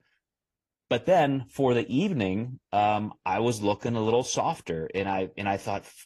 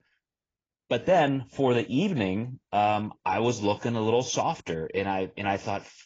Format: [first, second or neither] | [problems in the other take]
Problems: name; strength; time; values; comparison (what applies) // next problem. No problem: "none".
first | garbled, watery; badly; nothing above 6.5 kHz; slightly in the first